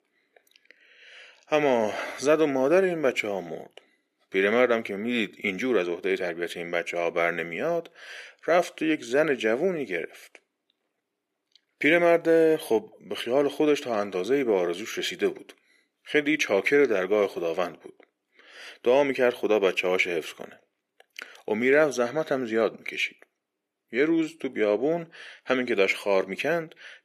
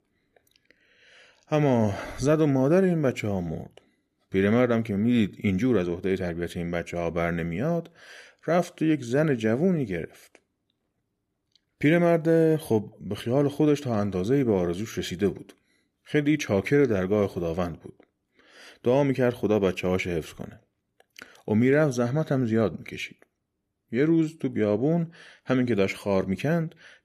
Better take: second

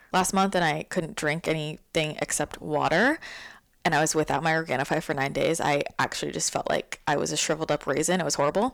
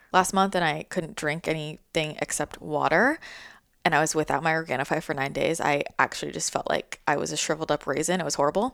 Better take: second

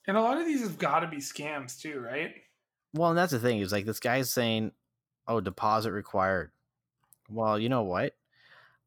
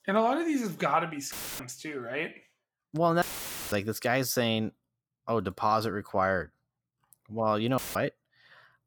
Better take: first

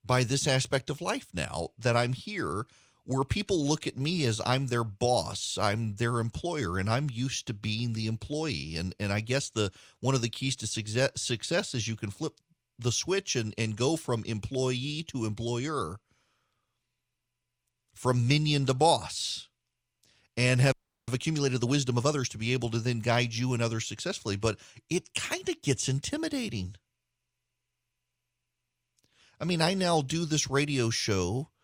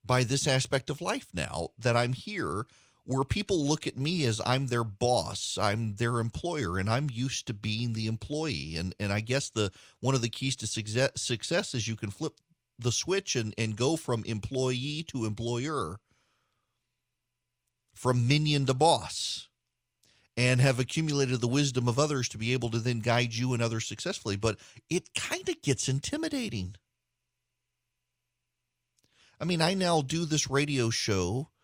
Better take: second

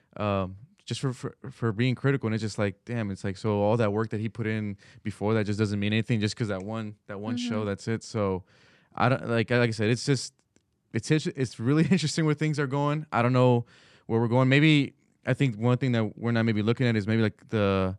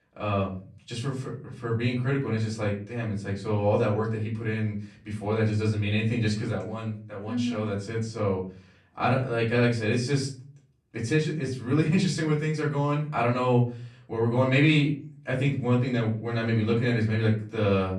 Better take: first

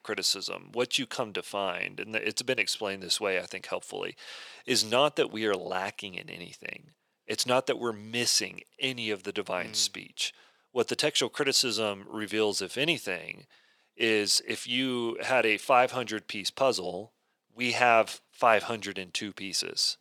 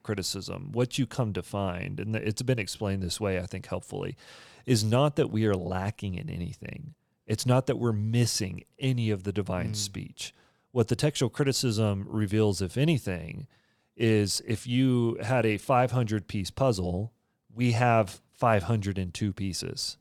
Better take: second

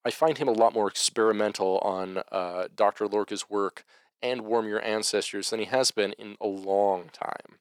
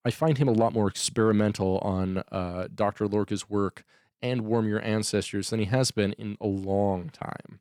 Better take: second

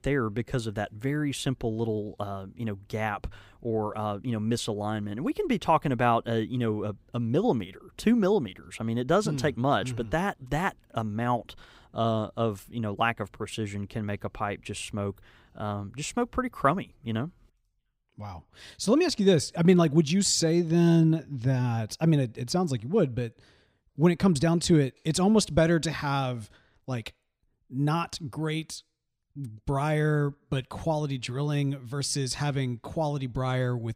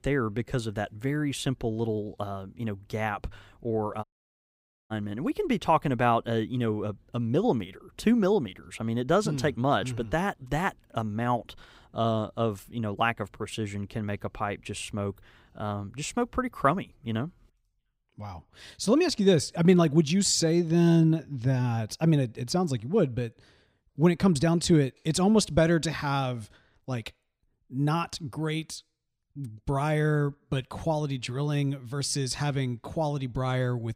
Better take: first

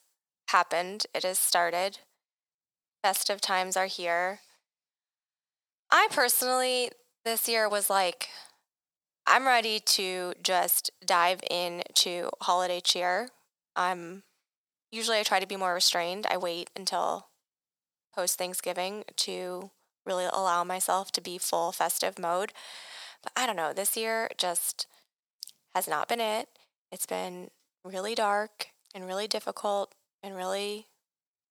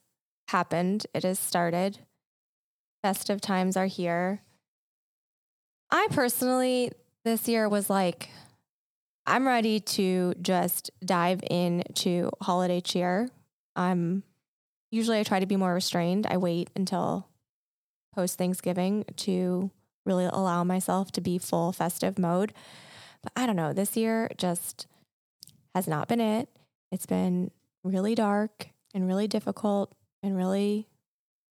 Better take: second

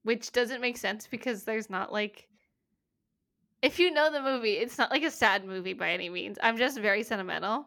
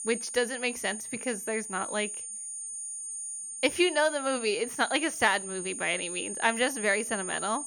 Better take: first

